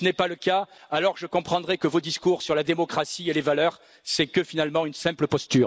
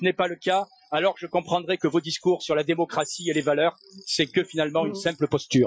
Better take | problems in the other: first | noise reduction (classical method Wiener filter)

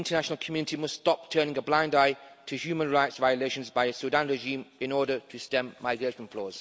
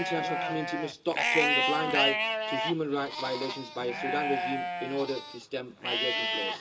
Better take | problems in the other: first | background sound (Livestock, farm animals, working animals); 2 dB above the speech // room echo; dies away in 0.2 s

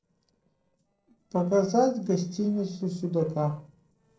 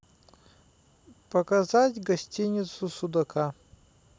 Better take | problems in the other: second | noise reduction (neural separator model SepFormer DNS4)

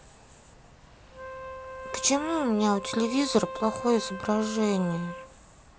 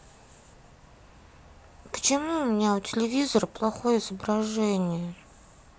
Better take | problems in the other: second | background sound (Wind instrument, woodwind instrument); 11 dB below the speech

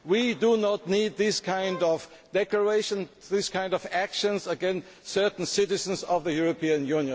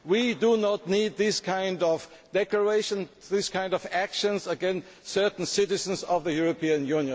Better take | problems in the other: second | background sound (Bowed string instrument); 17 dB below the speech

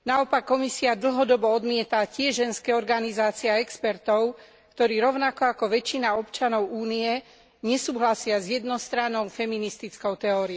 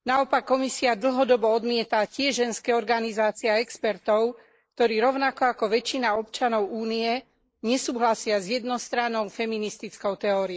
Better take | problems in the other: first | noise reduction (neural mask model Resemble Enhance denoiser)

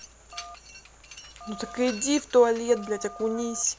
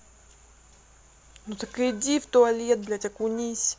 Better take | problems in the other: second | background sound (Mechanisms + Telephone); 16 dB below the speech

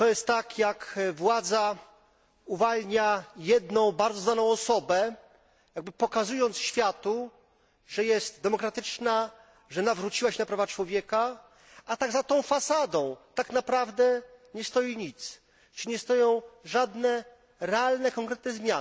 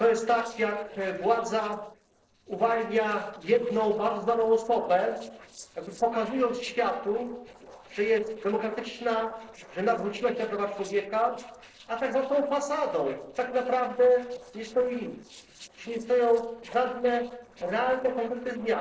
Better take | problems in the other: first | noise reduction (neural separator model SepFormer DNS4)

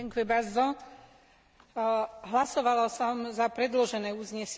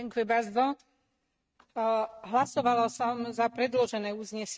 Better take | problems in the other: first | noise reduction (neural mask model RNNoise)

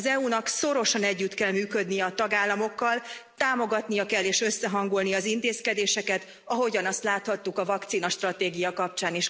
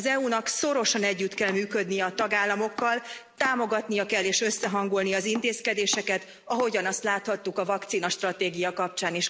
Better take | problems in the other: first | background sound (Domestic sounds, home sounds); 18 dB below the speech

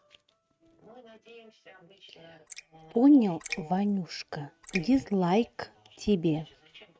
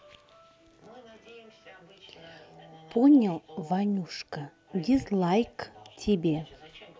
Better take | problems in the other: second | noise reduction (neural mask model RNNoise)

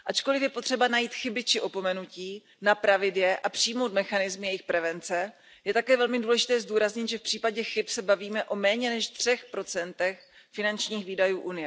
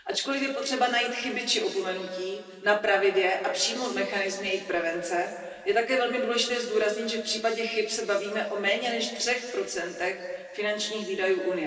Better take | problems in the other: first | room echo; dies away in 2.5 s

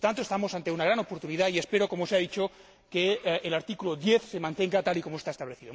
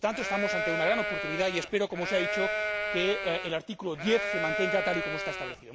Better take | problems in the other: first | background sound (Livestock, farm animals, working animals); 1 dB below the speech

